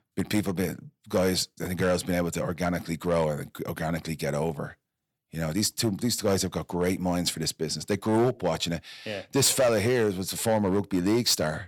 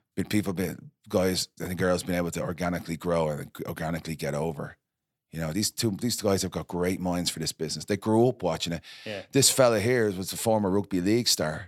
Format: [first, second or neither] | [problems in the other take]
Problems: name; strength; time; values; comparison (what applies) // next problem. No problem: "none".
second | distortion; slight; 4% of the sound clipped